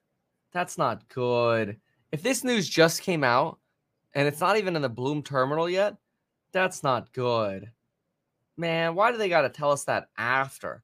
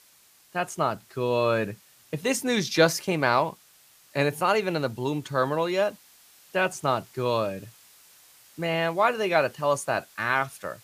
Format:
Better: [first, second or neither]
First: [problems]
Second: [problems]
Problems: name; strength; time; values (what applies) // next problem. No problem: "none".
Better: first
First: none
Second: hiss; faint; throughout; 25 dB below the speech